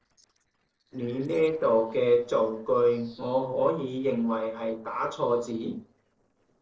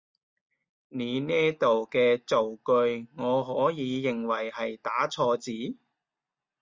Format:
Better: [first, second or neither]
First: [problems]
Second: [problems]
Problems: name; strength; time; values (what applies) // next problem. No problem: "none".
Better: second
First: noise reduction (neural separator model SepFormer DNS4)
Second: none